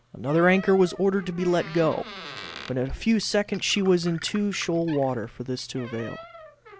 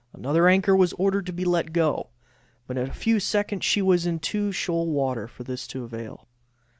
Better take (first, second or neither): second